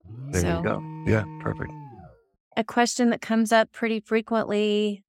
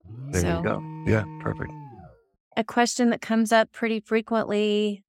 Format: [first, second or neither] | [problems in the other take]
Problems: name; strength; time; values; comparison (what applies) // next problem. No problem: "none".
neither | alarm; faint; until 2 s; peak 10 dB below the speech; the same in both